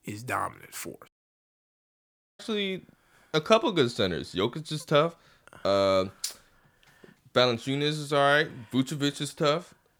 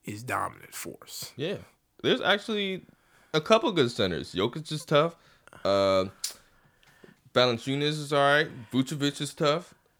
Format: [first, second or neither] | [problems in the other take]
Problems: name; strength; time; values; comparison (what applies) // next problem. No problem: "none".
second | audio cutting out; at 1 s for 1.5 s